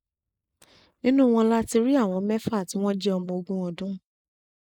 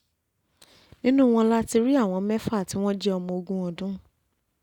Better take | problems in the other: second | noise reduction (neural mask model Resemble Enhance denoiser)

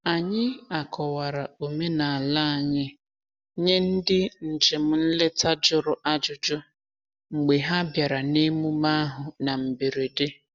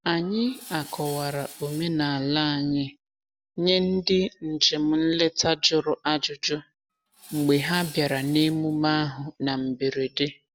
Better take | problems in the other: first | background sound (Tools); 19 dB below the speech

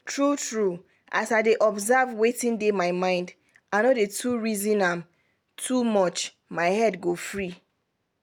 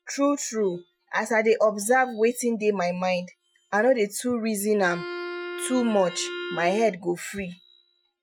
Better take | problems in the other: first | noise reduction (classical method Wiener filter)

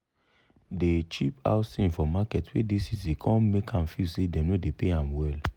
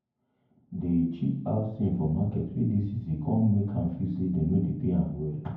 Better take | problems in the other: first | room echo; dies away in 0.9 s

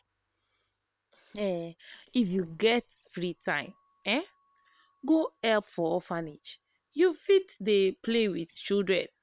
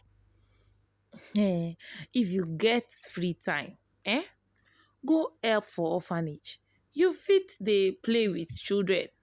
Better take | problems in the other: second | noise reduction (neural separator model SepFormer WHAM!)

